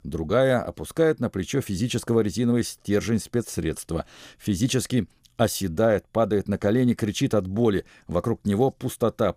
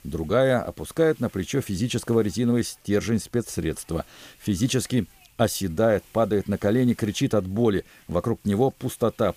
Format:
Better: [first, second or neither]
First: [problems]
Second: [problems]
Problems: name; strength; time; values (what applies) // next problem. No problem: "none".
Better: first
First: none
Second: hiss; faint; throughout; 30 dB below the speech